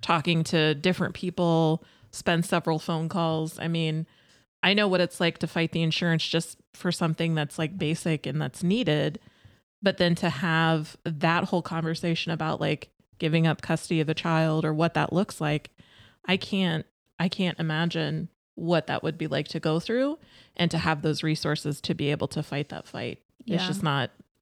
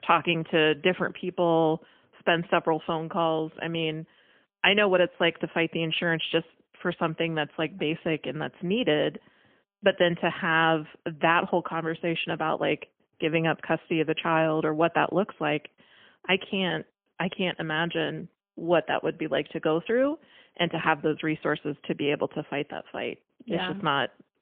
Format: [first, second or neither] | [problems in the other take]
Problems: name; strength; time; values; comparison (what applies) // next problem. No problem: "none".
first | phone-call audio; poor line; nothing above 3 kHz